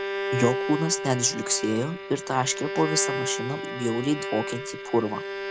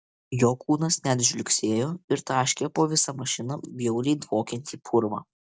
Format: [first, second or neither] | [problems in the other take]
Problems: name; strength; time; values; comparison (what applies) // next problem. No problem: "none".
second | background sound (Bowed string instrument); 4 dB below the speech